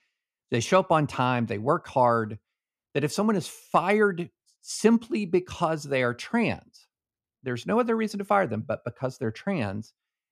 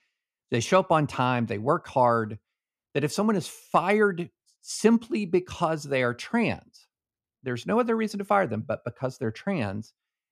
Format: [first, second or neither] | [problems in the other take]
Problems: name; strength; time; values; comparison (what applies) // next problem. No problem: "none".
neither | none